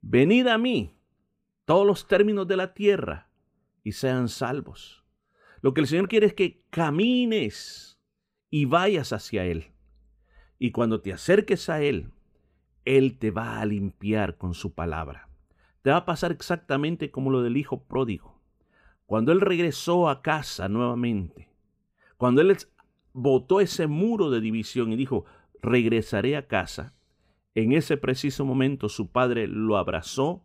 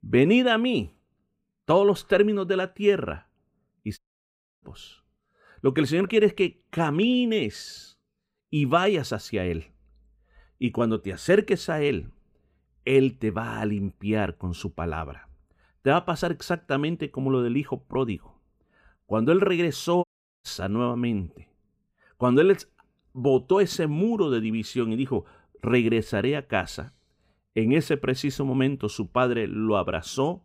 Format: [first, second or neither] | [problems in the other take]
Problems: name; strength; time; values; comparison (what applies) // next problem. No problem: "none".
first | audio cutting out; at 4 s for 0.5 s and at 20 s